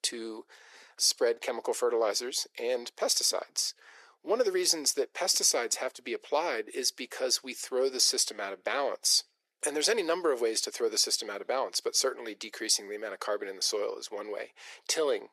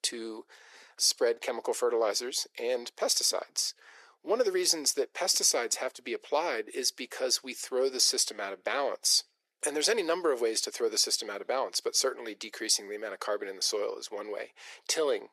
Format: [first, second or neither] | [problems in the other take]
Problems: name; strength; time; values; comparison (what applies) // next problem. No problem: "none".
neither | thin; very; fading below 350 Hz; the same in both